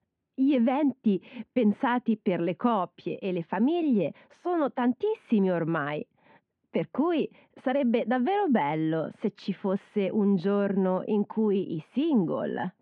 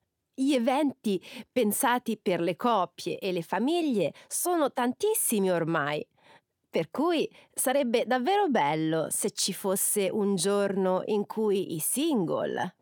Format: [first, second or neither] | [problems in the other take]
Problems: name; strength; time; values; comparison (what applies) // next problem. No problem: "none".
second | muffled; very; fading above 3 kHz